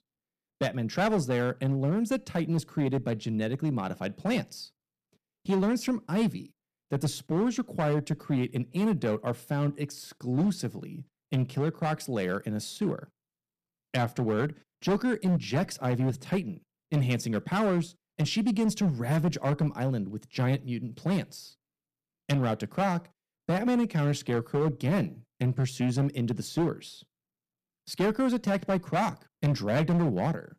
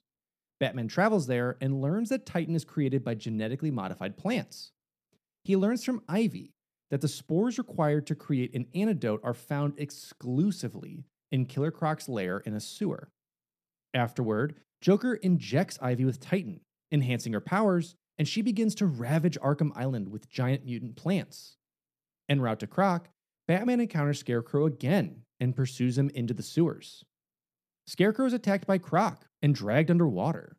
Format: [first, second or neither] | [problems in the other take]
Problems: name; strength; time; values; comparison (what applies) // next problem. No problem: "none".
second | distortion; slight; 7% of the sound clipped